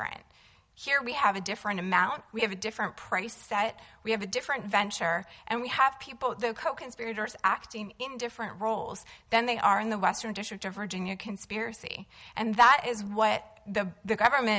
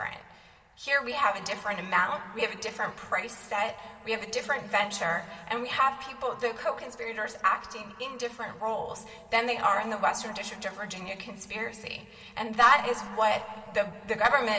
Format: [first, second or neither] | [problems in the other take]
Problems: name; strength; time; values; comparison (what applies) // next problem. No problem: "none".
first | room echo; dies away in 2.3 s